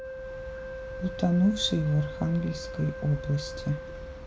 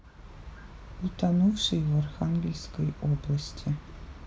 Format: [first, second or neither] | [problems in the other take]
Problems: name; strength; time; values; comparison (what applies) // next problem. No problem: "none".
second | background sound (Wind instrument, woodwind instrument); 11 dB below the speech